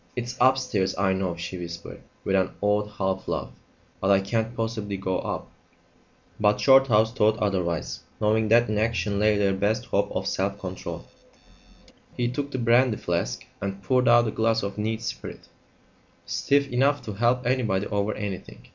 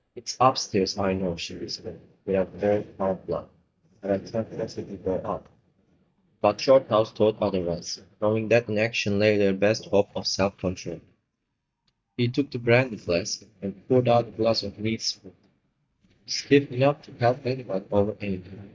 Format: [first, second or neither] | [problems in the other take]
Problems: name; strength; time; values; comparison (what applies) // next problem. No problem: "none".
first | noise reduction (neural mask model DeepFilterNet 3)